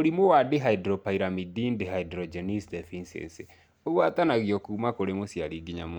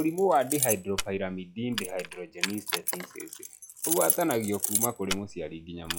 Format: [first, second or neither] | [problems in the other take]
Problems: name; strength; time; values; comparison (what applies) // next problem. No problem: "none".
first | noise reduction (classical method log-MMSE)